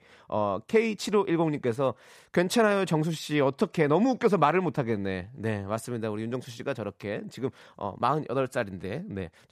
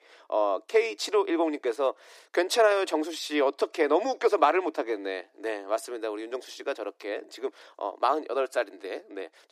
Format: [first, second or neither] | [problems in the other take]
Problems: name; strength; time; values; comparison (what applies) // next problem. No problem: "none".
first | thin; very; fading below 300 Hz